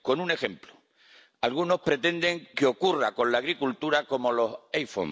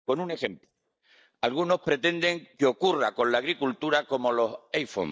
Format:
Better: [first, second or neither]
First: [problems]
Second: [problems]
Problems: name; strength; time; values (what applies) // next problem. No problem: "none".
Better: first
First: none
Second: noise reduction (neural mask model DeepFilterNet 3)